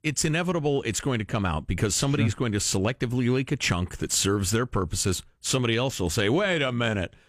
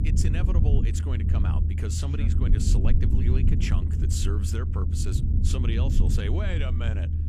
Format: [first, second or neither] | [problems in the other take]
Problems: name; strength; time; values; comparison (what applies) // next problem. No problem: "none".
first | low rumble; loud; throughout; 2 dB below the speech